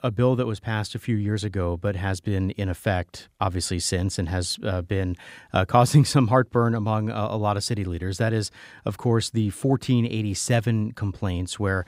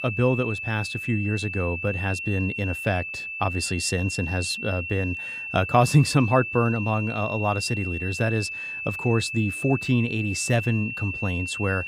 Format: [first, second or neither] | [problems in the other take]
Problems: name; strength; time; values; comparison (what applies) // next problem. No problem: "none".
first | high-pitched whine; loud; throughout; 2.5 kHz, 5 dB below the speech